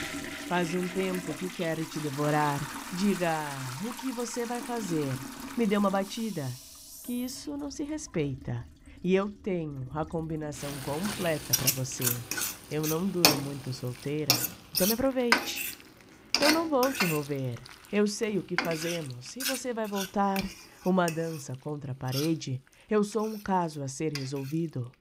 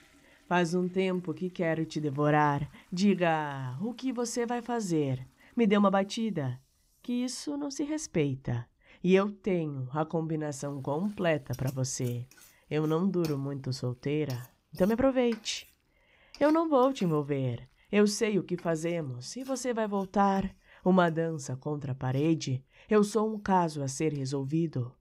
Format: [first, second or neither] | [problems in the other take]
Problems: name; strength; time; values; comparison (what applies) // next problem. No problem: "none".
second | household noises; loud; throughout; as loud as the speech; faint in the second